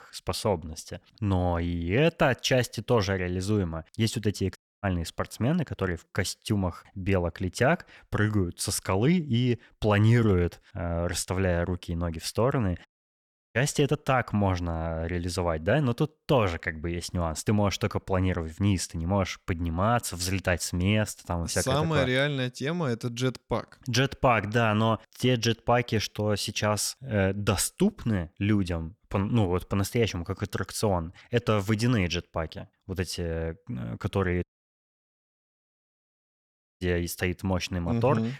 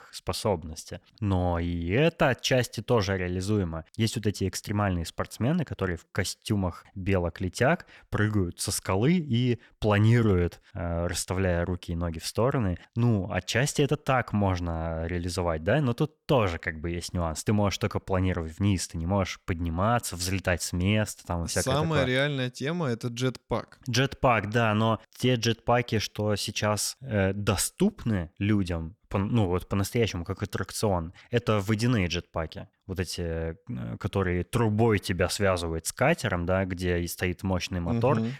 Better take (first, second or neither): second